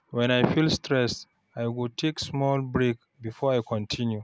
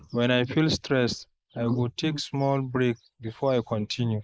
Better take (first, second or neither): first